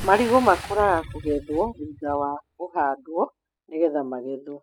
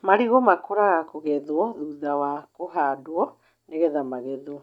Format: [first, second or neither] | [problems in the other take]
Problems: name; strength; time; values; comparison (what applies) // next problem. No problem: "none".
second | noise reduction (classical method spectral subtraction)